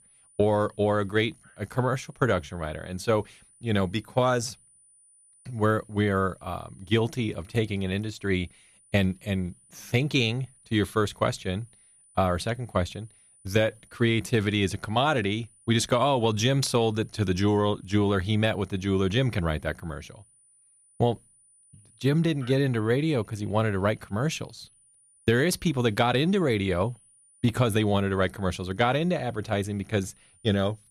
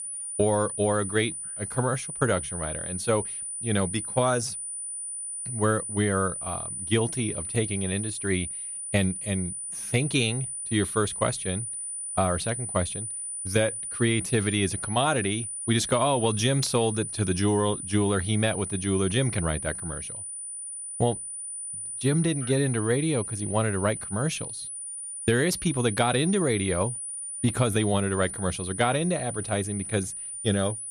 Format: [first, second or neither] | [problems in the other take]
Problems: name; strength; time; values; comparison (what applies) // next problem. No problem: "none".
first | high-pitched whine; loud; throughout; 9.5 kHz, 5 dB below the speech; faint in the first